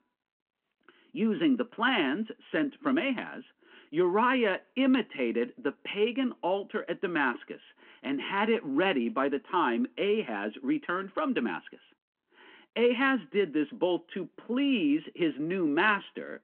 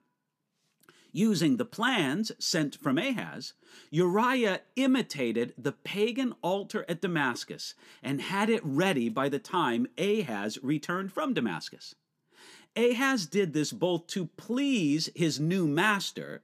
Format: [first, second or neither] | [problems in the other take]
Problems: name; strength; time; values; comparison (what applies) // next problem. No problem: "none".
second | phone-call audio